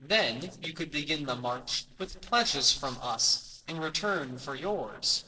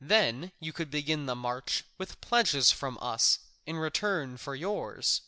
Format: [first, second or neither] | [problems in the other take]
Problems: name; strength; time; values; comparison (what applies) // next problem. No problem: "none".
second | noise reduction (neural separator model SepFormer DNS4)